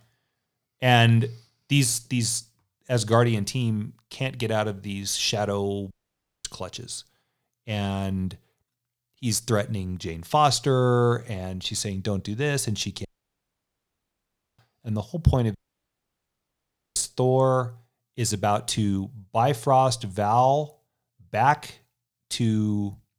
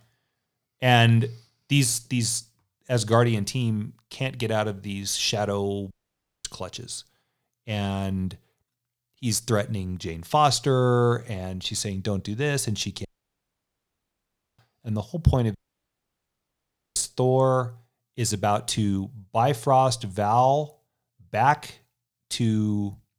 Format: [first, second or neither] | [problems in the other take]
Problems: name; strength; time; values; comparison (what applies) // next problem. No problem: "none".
neither | audio cutting out; at 6 s for 0.5 s, at 13 s for 1.5 s and at 16 s for 1.5 s; the same in both